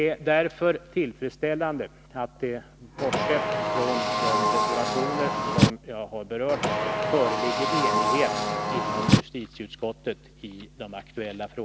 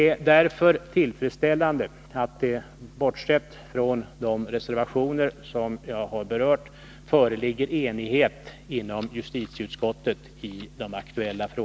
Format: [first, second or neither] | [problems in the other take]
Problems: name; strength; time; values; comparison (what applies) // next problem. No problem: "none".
second | background sound (Car); 4 dB above the speech